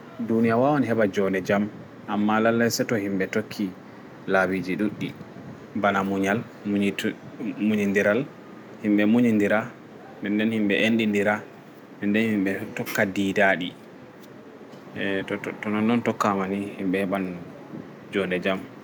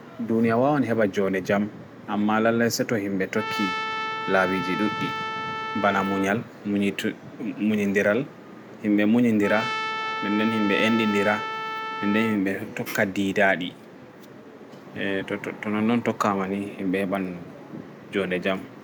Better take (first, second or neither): first